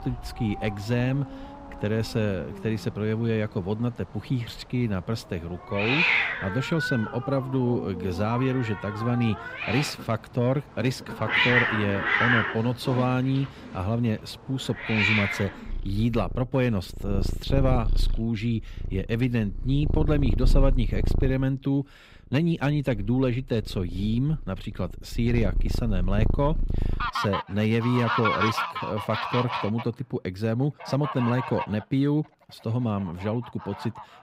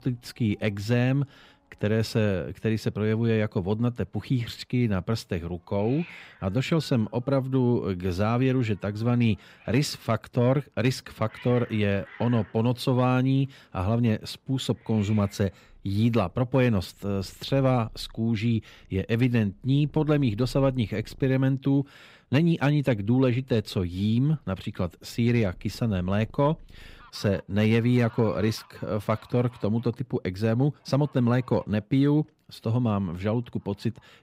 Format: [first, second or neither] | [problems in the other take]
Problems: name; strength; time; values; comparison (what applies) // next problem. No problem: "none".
second | animal sounds; loud; throughout; 1 dB below the speech; faint in the second